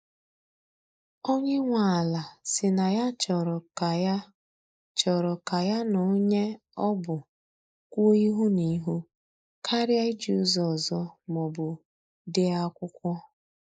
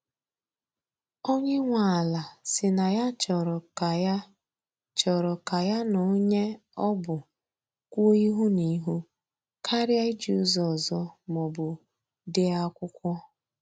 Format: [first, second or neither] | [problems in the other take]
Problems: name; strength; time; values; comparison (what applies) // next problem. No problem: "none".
second | noise reduction (neural mask model Resemble Enhance denoiser)